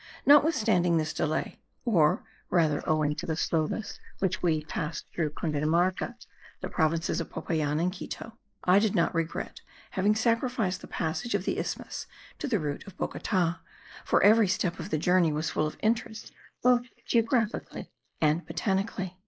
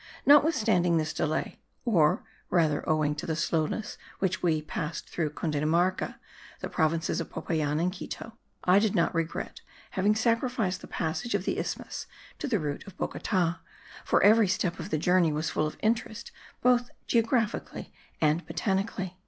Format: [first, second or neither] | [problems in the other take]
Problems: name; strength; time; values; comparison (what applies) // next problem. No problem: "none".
second | noise reduction (neural mask model Resemble Enhance denoiser)